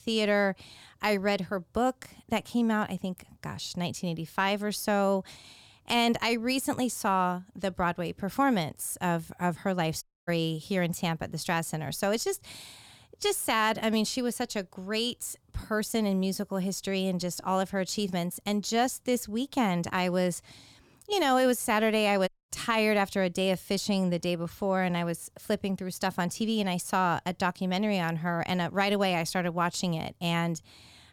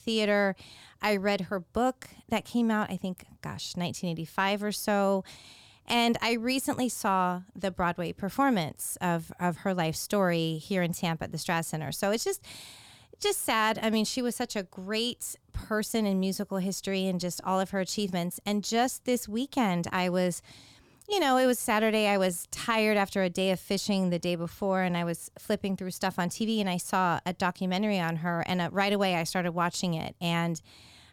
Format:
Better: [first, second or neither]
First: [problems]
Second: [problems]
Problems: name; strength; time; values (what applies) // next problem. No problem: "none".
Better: second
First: audio cutting out; at 10 s and at 22 s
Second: none